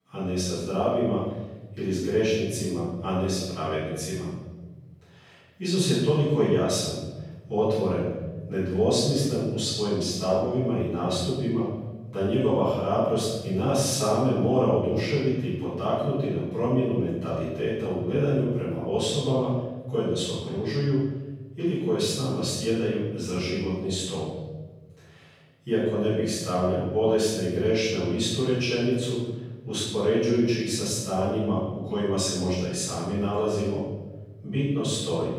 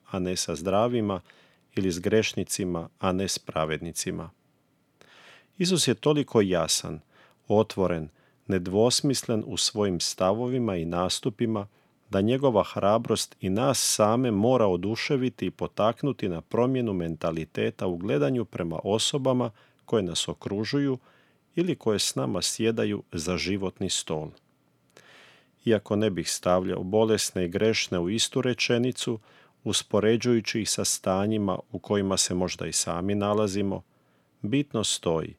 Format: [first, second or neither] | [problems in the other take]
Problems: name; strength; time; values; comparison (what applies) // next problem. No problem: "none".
second | off-mic speech; far // room echo; strong; dies away in 1.4 s